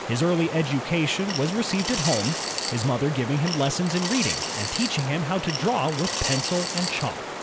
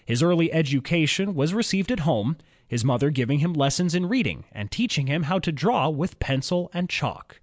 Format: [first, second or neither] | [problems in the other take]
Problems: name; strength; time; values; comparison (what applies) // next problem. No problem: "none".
second | background sound (Coin (dropping) / Glass + Stream); 5 dB below the speech